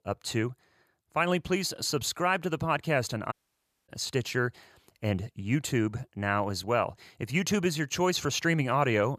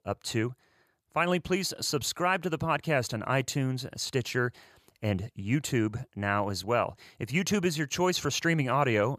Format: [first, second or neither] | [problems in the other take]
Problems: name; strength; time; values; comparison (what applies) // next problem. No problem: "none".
second | audio cutting out; at 3.5 s for 0.5 s